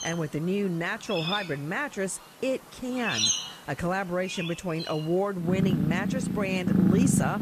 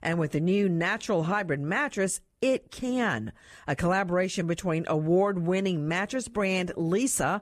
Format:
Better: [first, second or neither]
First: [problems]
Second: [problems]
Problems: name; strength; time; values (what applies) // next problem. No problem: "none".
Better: second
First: animal sounds; very loud; throughout; 2 dB above the speech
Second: none